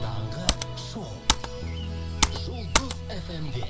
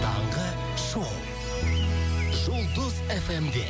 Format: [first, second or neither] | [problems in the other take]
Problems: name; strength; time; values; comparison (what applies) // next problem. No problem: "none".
second | background sound (Computer keyboard); 3 dB above the speech // room echo; dies away in 2.9 s